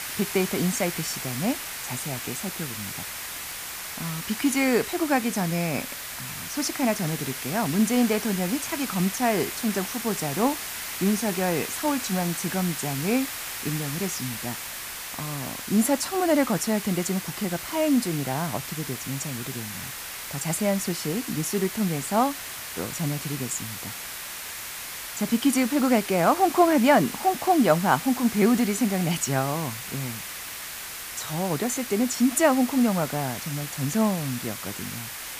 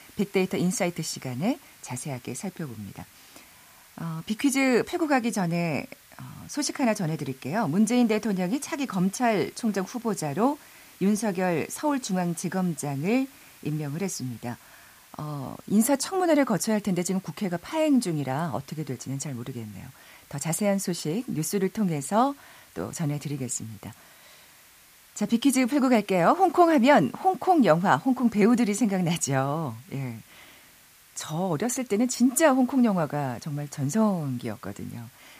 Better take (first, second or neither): second